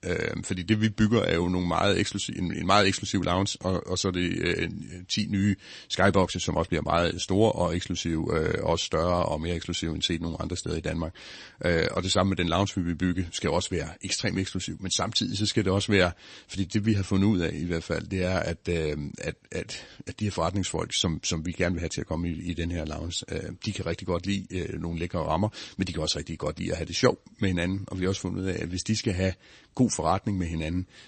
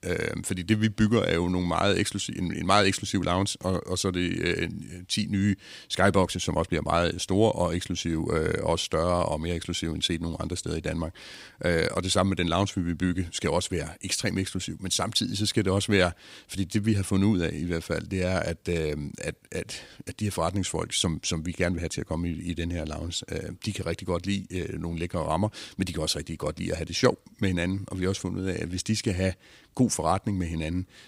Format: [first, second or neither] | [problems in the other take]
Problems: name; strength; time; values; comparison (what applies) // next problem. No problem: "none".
second | garbled, watery; slightly; nothing above 8 kHz